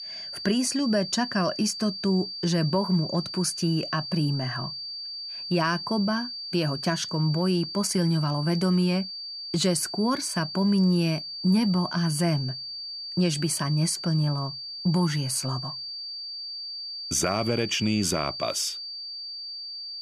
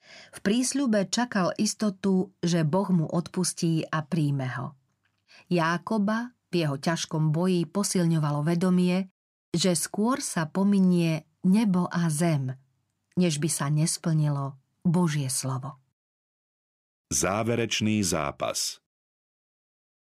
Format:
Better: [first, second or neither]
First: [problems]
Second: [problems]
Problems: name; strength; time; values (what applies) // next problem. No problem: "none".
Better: second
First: high-pitched whine; loud; throughout; 4.5 kHz, 7 dB below the speech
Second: none